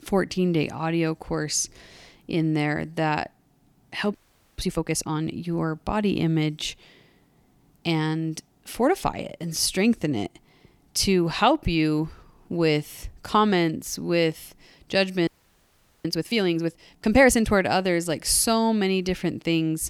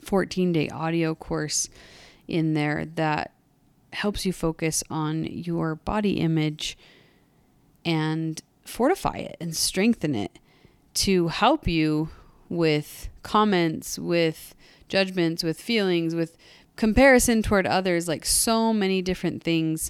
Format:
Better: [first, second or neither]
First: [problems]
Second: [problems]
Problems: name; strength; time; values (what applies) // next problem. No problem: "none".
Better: second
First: audio freezing; at 4 s and at 15 s for 1 s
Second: none